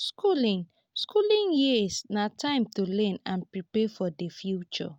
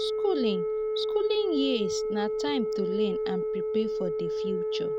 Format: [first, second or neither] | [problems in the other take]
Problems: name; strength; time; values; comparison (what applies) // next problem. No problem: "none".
first | background sound (Telephone); 2 dB above the speech